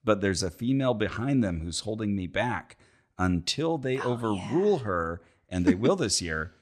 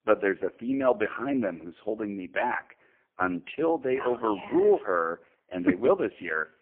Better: first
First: none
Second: phone-call audio; poor line

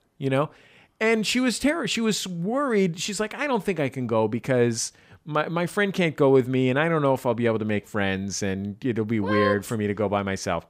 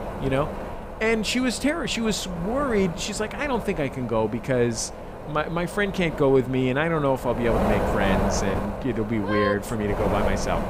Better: first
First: none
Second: wind noise on the microphone; heavy; 6 dB below the speech

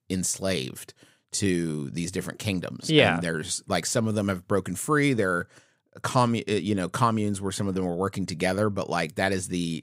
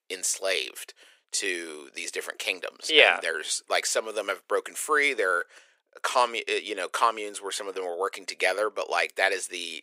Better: first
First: none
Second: thin; very; fading below 400 Hz

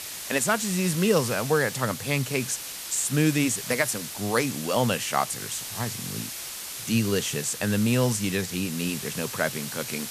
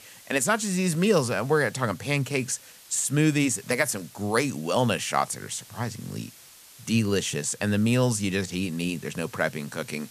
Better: second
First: hiss; loud; throughout; 7 dB below the speech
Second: hiss; faint; throughout; 20 dB below the speech

